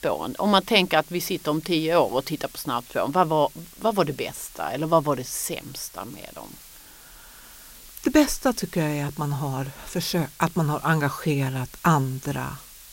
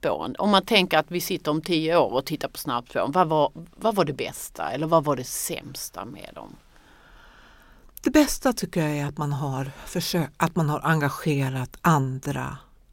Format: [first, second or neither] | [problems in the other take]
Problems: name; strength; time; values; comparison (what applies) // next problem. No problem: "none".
second | hiss; noticeable; throughout; 20 dB below the speech